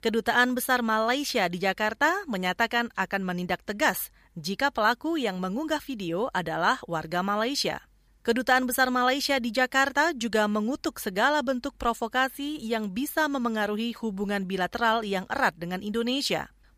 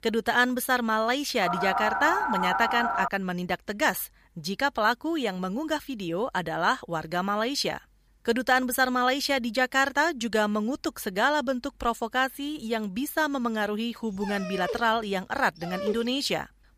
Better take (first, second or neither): first